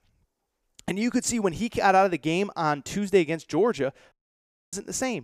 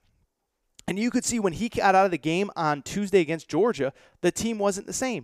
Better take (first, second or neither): second